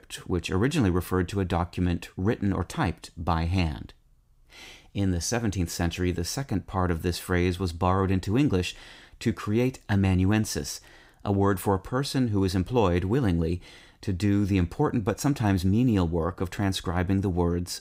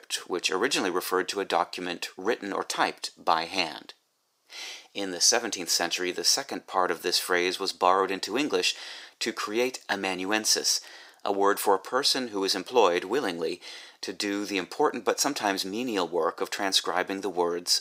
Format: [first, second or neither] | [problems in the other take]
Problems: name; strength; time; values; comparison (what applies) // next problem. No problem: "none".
first | thin; very; fading below 400 Hz